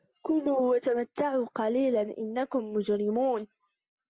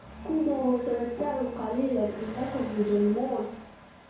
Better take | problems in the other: first | background sound (Engine starting / Accelerating, revving, vroom / Motor vehicle (road)); 14 dB below the speech // room echo; dies away in 0.6 s

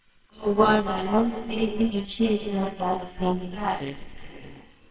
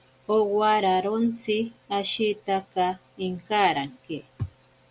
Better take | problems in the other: second | noise reduction (neural separator model SepFormer WHAMR!)

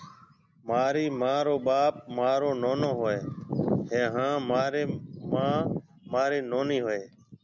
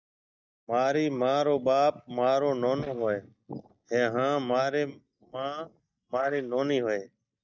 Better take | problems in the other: first | noise reduction (neural mask model DeepFilterNet 3)

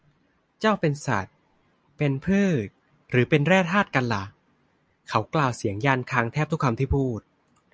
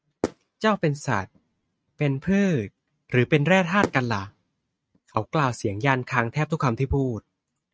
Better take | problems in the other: first | noise reduction (neural mask model RNNoise)

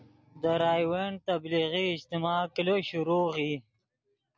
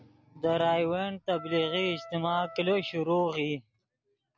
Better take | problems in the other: first | background sound (Wind instrument, woodwind instrument); 15 dB below the speech

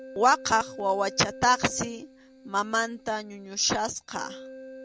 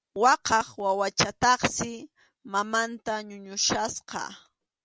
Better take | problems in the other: second | background sound (Keyboard (musical)); 17 dB below the speech

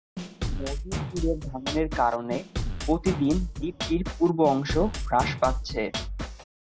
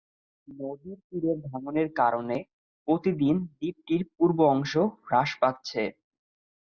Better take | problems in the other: second | background sound (Drum kit); 4 dB below the speech

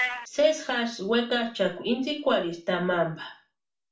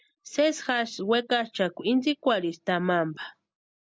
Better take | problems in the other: second | background sound (Meow); 13 dB below the speech // room echo; dies away in 0.3 s

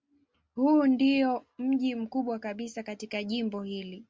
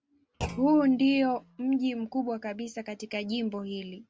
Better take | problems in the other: first | background sound (Thump, thud); 15 dB below the speech

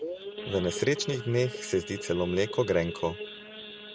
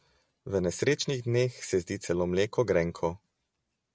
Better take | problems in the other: second | background sound (Idling / Sawing / Accelerating, revving, vroom); 10 dB below the speech

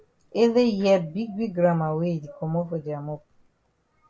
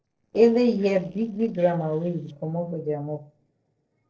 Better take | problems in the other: first | noise reduction (neural separator model SepFormer DNS4)

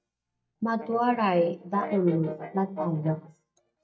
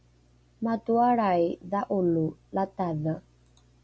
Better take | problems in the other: second | noise reduction (neural mask model DeepFilterNet 3)

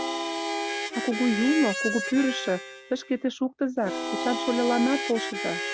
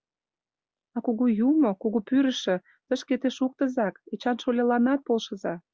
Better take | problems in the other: second | background sound (Harmonica); 4 dB below the speech

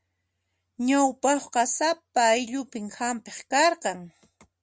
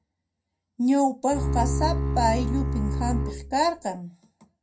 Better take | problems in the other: first | background sound (Bowed string instrument); as loud as the speech // room echo; dies away in 0.2 s

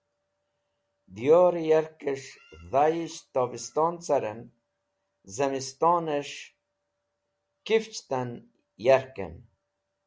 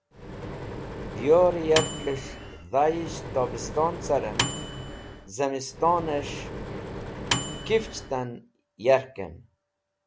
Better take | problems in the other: first | background sound (Microwave oven); 6 dB below the speech

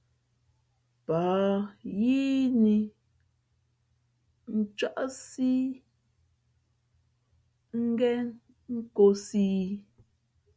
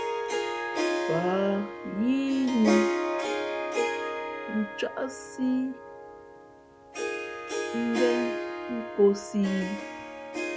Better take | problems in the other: first | background sound (Harp); 2 dB below the speech

